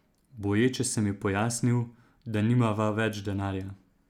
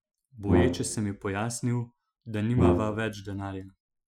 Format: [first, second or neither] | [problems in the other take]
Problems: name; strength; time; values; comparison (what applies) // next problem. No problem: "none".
first | noise reduction (classical method Wiener filter)